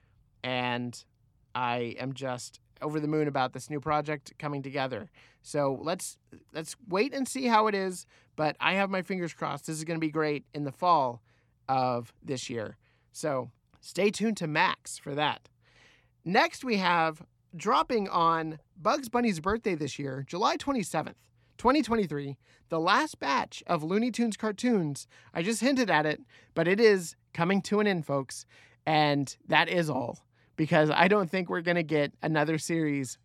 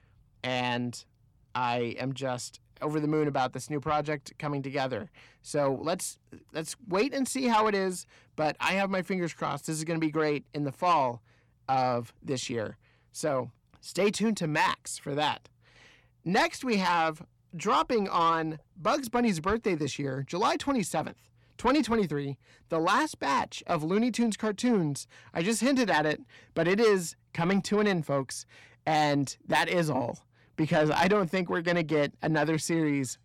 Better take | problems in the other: first | distortion; slight; 10 dB below the speech

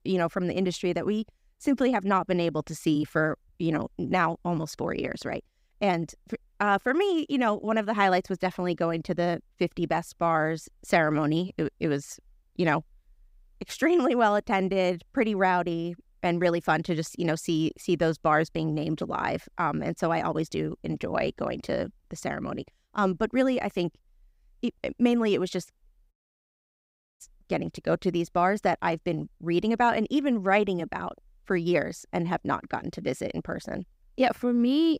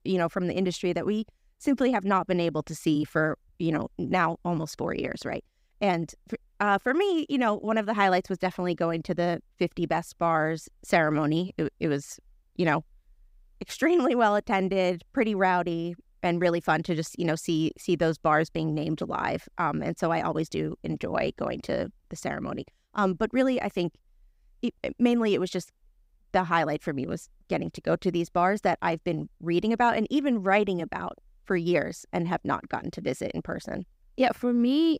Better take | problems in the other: second | audio cutting out; at 26 s for 1 s

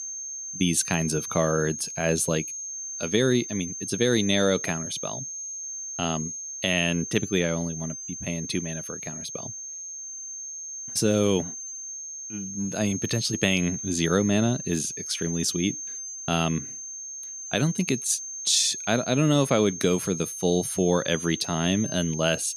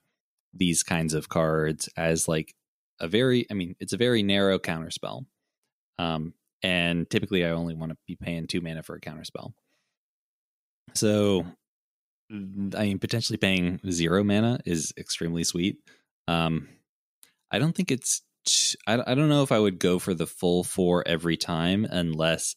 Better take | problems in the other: second | high-pitched whine; loud; throughout; 6.5 kHz, 8 dB below the speech

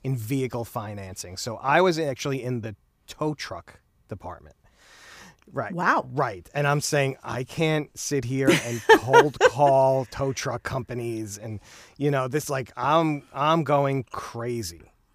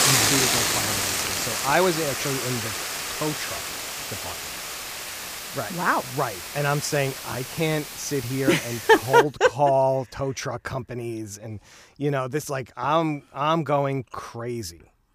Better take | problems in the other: first | hiss; loud; until 9 s; 2 dB below the speech

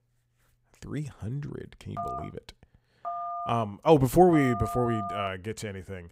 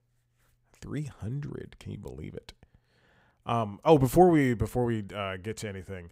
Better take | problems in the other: second | phone ringing; noticeable; from 2 to 5.5 s; peak 7 dB below the speech

